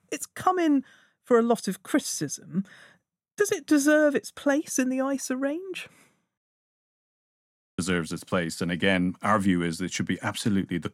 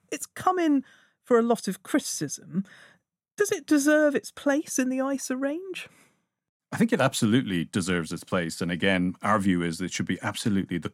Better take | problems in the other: second | audio cutting out; at 6.5 s for 1.5 s

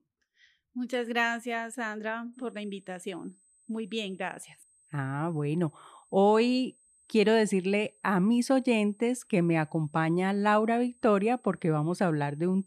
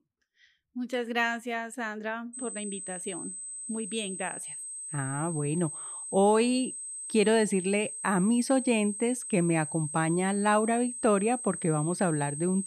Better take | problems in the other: first | high-pitched whine; loud; from 2.5 s on; 8.5 kHz, 8 dB below the speech; faint in the first

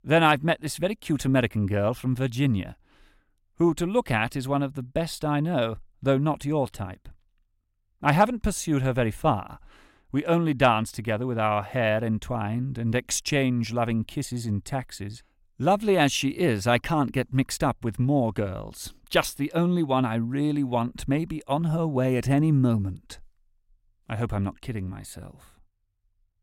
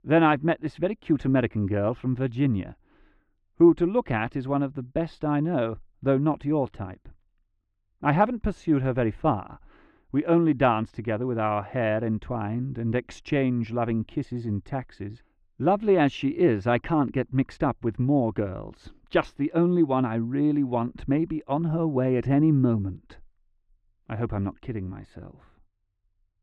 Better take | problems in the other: first | muffled; very; fading above 2 kHz

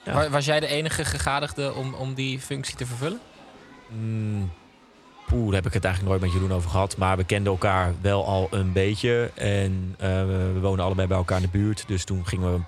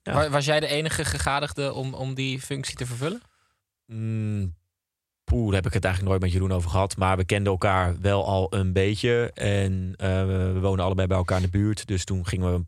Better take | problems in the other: second | crowd noise; faint; throughout; 20 dB below the speech

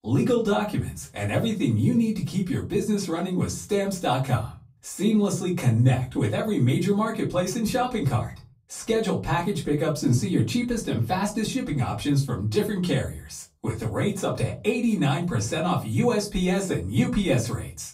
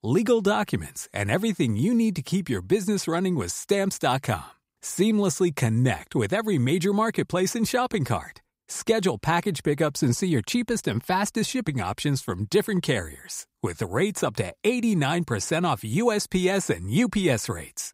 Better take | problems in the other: second | off-mic speech; far // room echo; very slight; dies away in 0.3 s

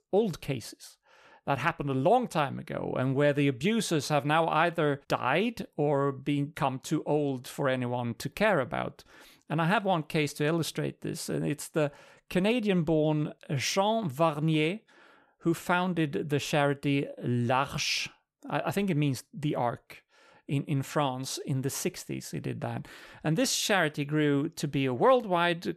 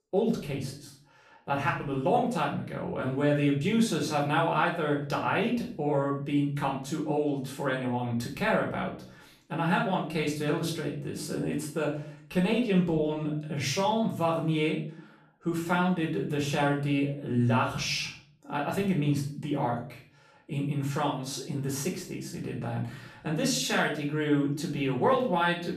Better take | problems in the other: first | off-mic speech; far // room echo; slight; dies away in 0.4 s

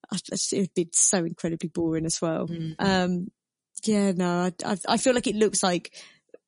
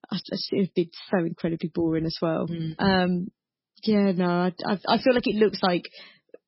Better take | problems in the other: first | garbled, watery; badly; nothing above 5.5 kHz; slightly in the first

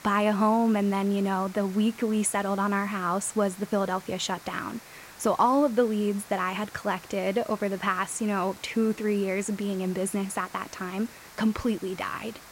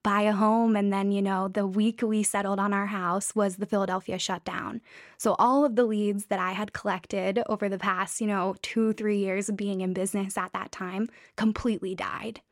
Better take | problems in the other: second | hiss; noticeable; throughout; 20 dB below the speech

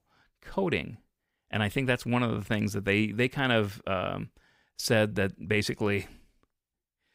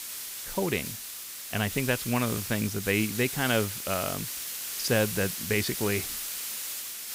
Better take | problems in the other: first | hiss; loud; throughout; 4 dB below the speech

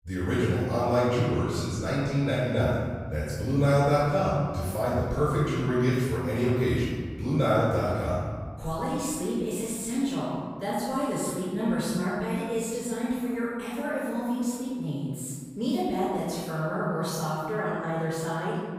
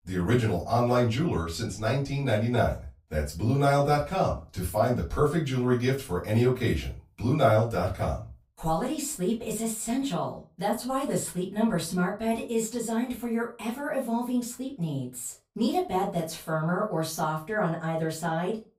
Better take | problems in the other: second | room echo; strong; dies away in 1.8 s; slight in the second // off-mic speech; far; far in the second

